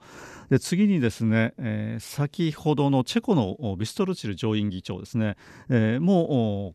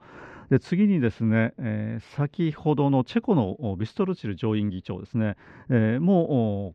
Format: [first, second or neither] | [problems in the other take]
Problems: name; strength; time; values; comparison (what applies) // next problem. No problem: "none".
first | muffled; slightly; fading above 2.5 kHz